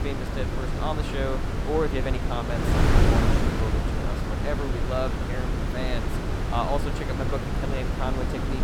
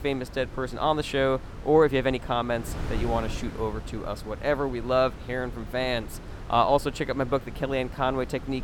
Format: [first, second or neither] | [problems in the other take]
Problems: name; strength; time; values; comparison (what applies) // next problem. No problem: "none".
second | wind noise on the microphone; heavy; as loud as the speech; occasional gusts in the second